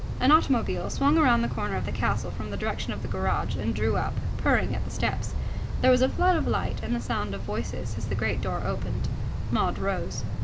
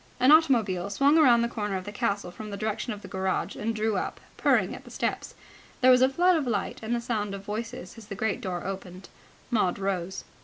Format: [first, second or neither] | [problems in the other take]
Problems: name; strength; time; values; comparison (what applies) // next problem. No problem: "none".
second | background sound (Wind); 1 dB below the speech